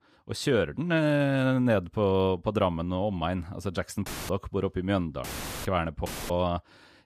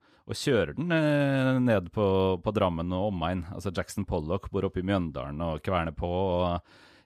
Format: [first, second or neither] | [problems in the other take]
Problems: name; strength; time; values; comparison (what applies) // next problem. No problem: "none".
second | audio cutting out; filled with static; at 4 s, at 5 s and at 6 s